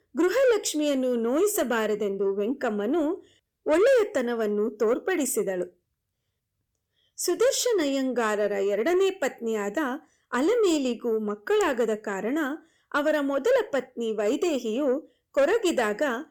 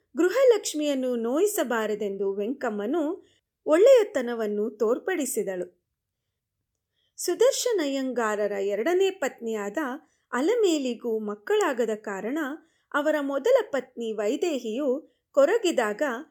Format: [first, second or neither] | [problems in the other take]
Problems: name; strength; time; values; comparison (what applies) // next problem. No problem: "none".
second | distortion; slight; 10 dB below the speech